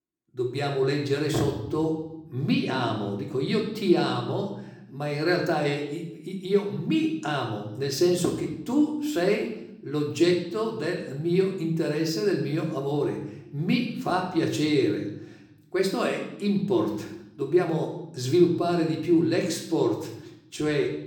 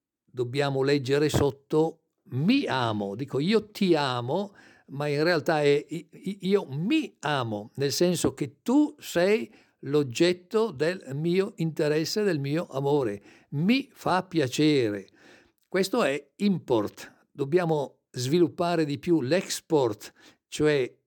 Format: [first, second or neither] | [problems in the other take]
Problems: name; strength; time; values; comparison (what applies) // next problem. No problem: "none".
second | room echo; slight; dies away in 0.7 s // off-mic speech; somewhat distant